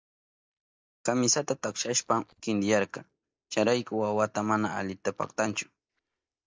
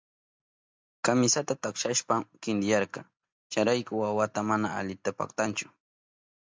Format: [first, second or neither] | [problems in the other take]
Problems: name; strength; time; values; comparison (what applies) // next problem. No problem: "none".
second | noise reduction (neural mask model DeepFilterNet 3)